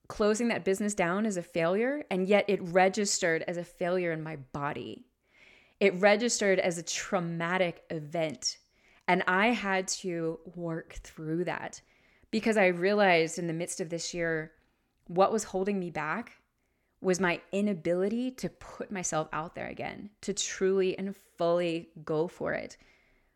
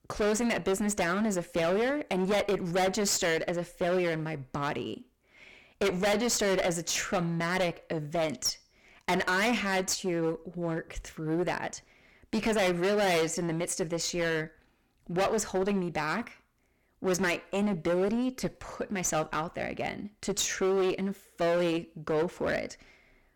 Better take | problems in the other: first | distortion; heavy; 17% of the sound clipped

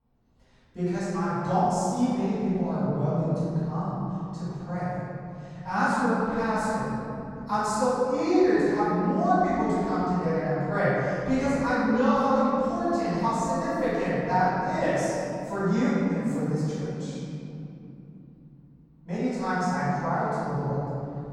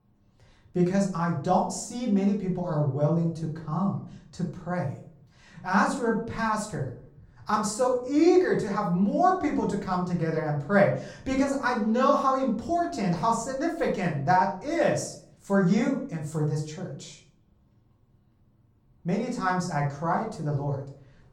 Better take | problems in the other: second | room echo; strong; dies away in 3 s; slight in the second // off-mic speech; far; far in the second

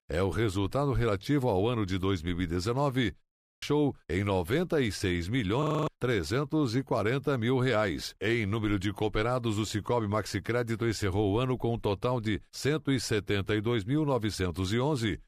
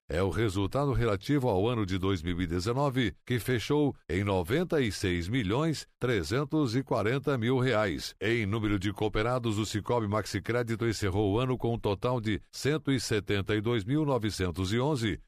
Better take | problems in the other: second | audio freezing; at 3.5 s and at 5.5 s

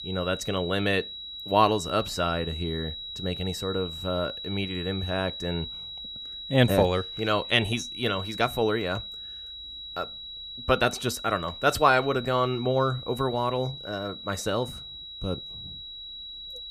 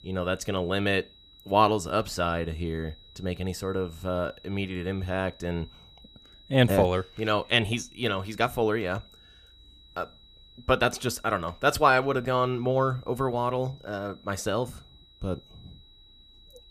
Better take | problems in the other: second | high-pitched whine; loud; throughout; 4 kHz, 9 dB below the speech; faint in the second

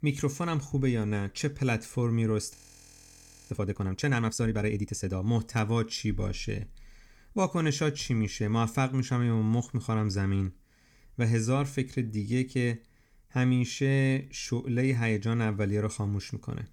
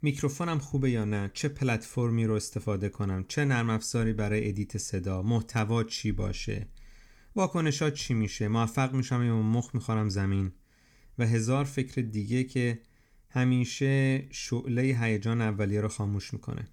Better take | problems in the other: second | audio freezing; at 2.5 s for 1 s

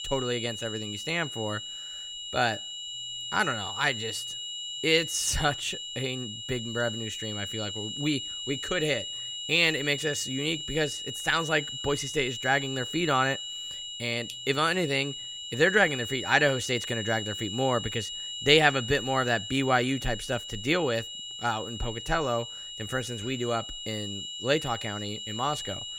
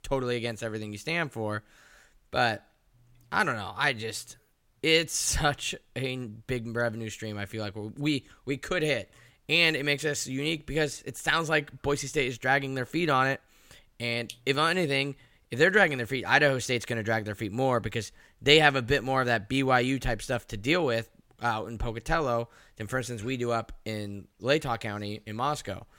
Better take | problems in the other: second | high-pitched whine; loud; throughout; 3 kHz, 7 dB below the speech

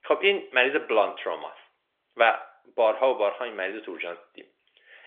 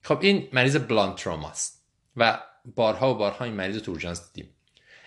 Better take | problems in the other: second | phone-call audio; nothing above 3.5 kHz

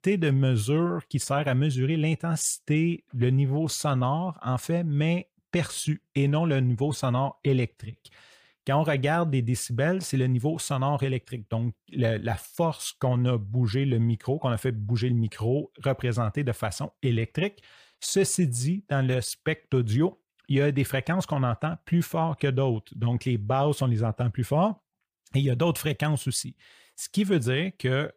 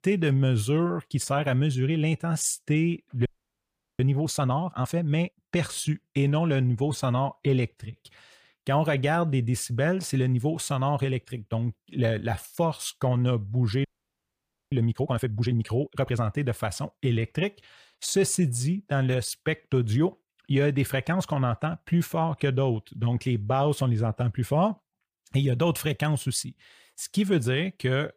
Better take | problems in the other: first | audio freezing; at 3.5 s for 0.5 s and at 14 s for 1 s

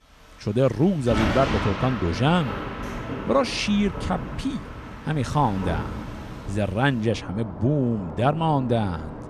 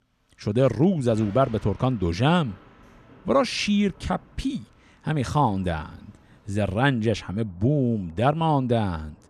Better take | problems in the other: second | rain or running water; loud; throughout; 8 dB below the speech; faint in the second

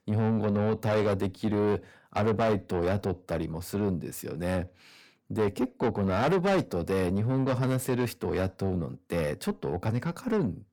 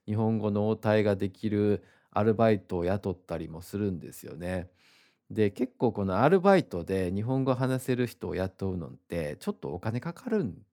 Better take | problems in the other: second | distortion; heavy; 6 dB below the speech

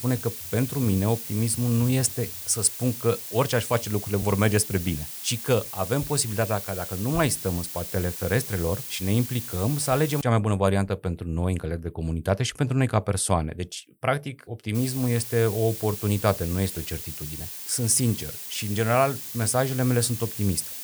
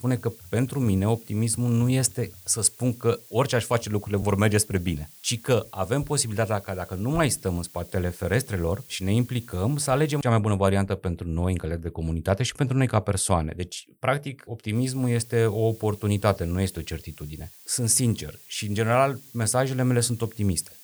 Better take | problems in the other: second | hiss; loud; until 10 s and from 15 s on; 8 dB below the speech; faint in the second

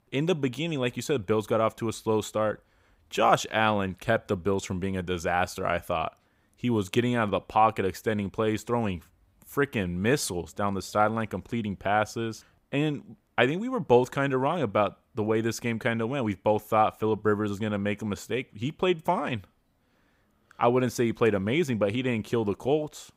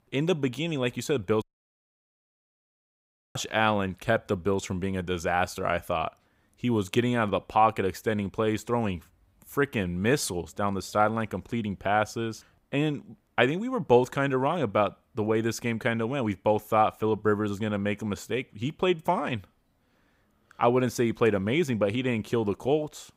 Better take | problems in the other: first | audio cutting out; at 1.5 s for 2 s

